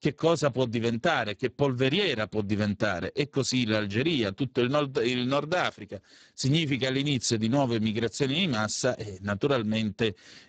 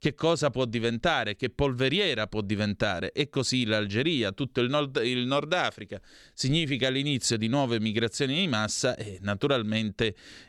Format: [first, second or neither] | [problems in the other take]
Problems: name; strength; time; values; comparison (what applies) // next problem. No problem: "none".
second | garbled, watery; badly; nothing above 8 kHz